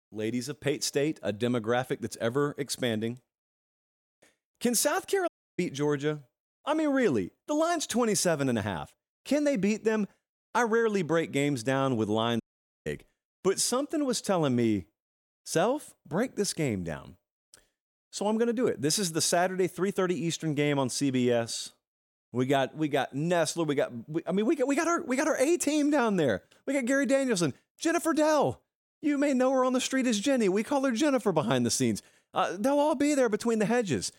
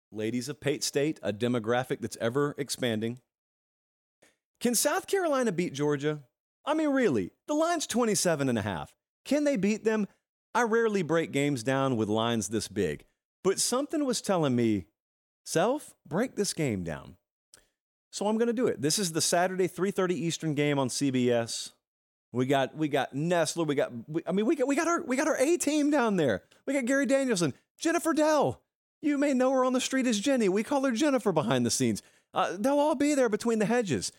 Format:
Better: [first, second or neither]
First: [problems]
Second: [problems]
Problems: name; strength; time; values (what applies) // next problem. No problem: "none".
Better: second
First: audio cutting out; at 5.5 s and at 12 s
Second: none